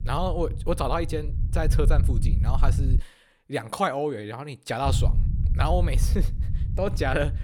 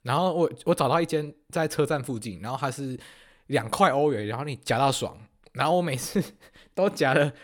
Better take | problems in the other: second | low rumble; noticeable; until 3 s and from 5 s on; 15 dB below the speech

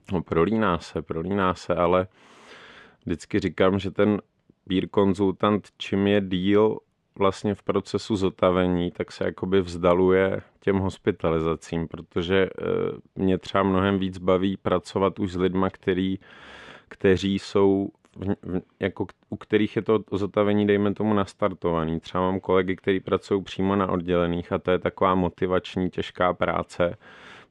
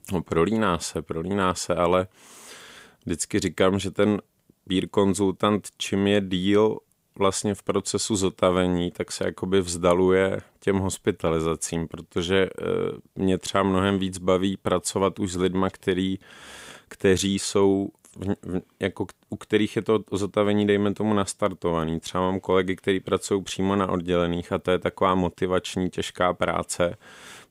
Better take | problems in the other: second | muffled; slightly; fading above 3 kHz

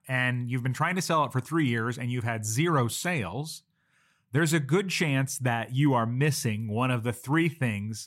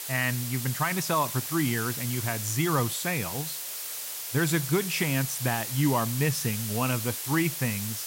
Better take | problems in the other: first | hiss; loud; throughout; 4 dB below the speech

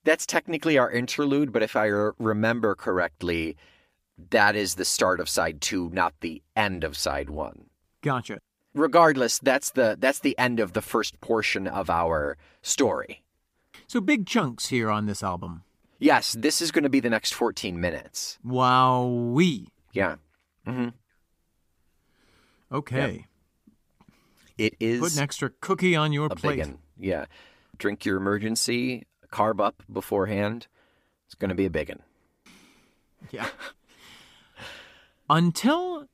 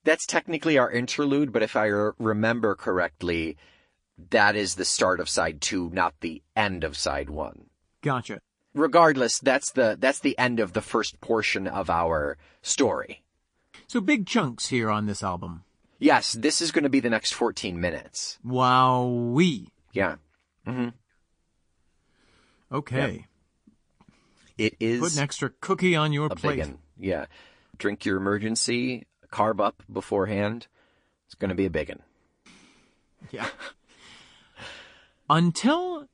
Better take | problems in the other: first | garbled, watery; slightly; nothing above 8 kHz

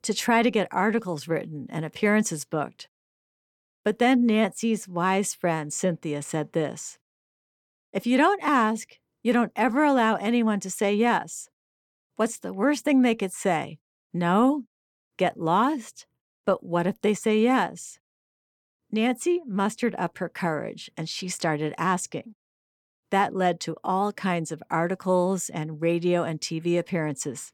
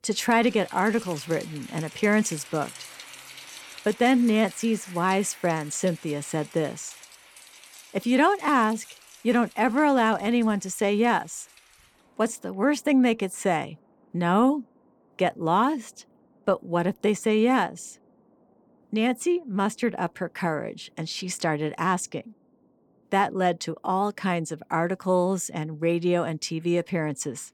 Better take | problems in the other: first | rain or running water; noticeable; throughout; 20 dB below the speech

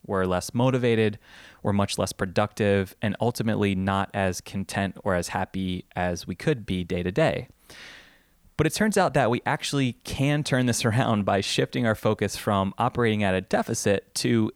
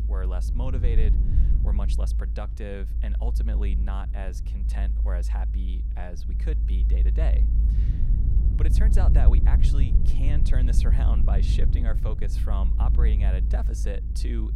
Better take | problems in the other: first | low rumble; loud; throughout; 4 dB below the speech

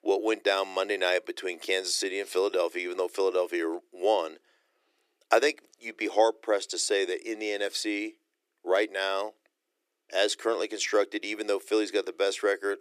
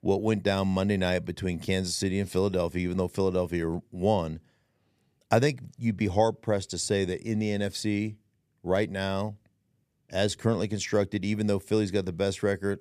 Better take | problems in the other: second | thin; very; fading below 300 Hz

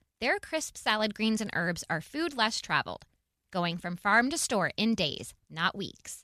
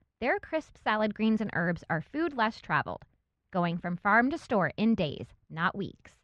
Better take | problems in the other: first | muffled; very; fading above 2 kHz

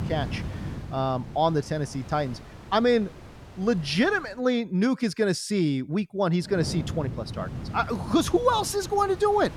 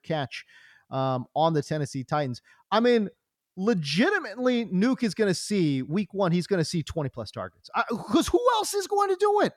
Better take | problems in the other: second | wind noise on the microphone; occasional gusts; until 4.5 s and from 6.5 s on; 20 dB below the speech

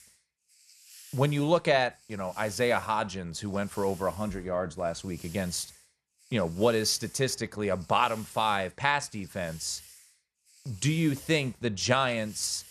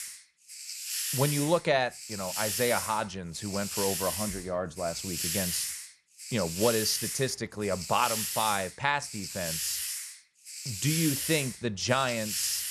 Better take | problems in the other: first | hiss; loud; throughout; 2 dB below the speech; faint in the first

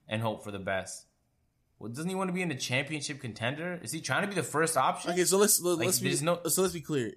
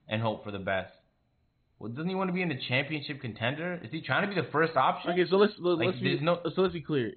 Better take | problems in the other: first | garbled, watery; badly; nothing above 4 kHz

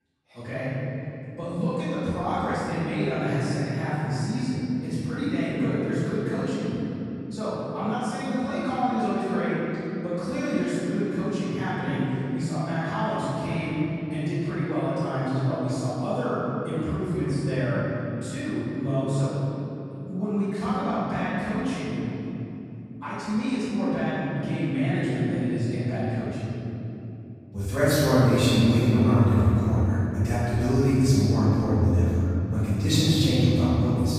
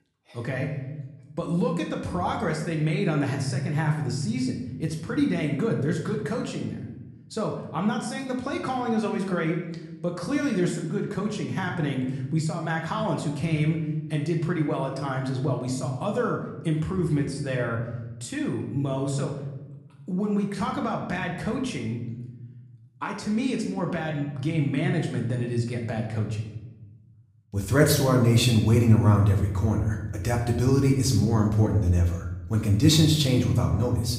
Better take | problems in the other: second | room echo; strong; dies away in 3 s; slight in the second // off-mic speech; far; somewhat distant in the second

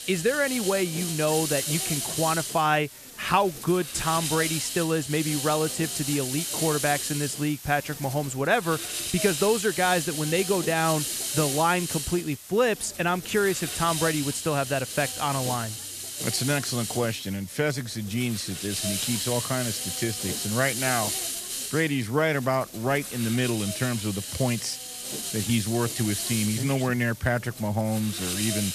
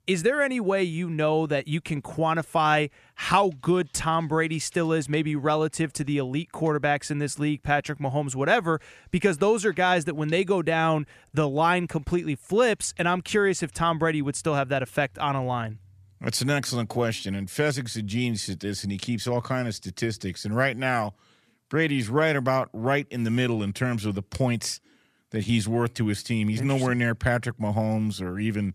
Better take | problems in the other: second | hiss; loud; throughout; 4 dB below the speech

